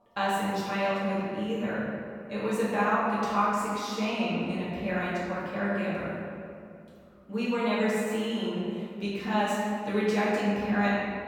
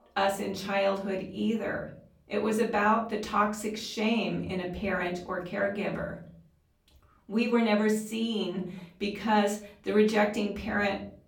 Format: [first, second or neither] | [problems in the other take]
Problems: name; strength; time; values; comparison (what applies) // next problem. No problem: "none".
second | room echo; strong; dies away in 2.1 s; slight in the second // off-mic speech; far; far in the second